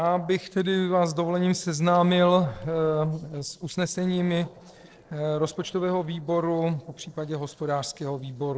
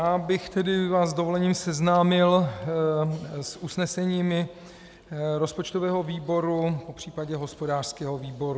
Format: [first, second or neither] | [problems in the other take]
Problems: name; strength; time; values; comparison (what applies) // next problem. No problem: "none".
second | noise reduction (neural separator model SepFormer DNS4)